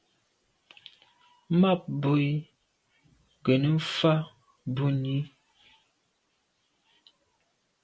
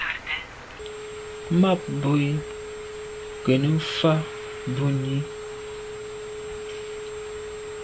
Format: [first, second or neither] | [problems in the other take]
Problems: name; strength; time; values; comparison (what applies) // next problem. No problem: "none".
first | background sound (Telephone); 8 dB below the speech